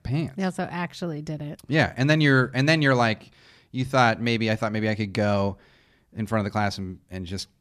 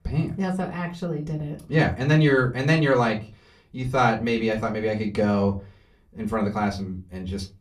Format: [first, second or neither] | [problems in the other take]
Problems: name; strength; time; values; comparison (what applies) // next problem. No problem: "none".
first | off-mic speech; far // room echo; very slight; dies away in 0.3 s